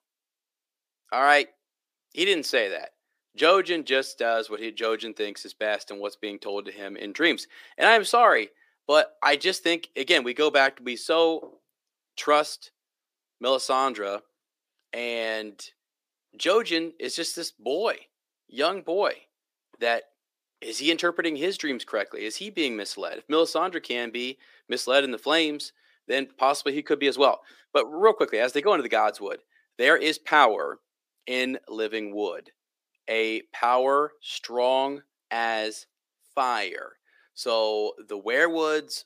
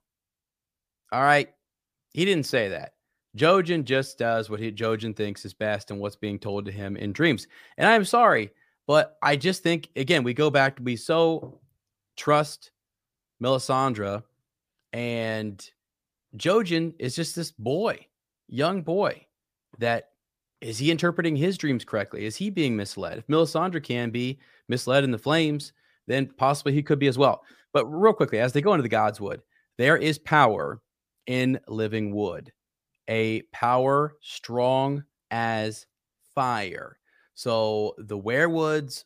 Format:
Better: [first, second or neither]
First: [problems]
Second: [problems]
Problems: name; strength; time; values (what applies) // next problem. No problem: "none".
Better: second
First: thin; somewhat; fading below 300 Hz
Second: none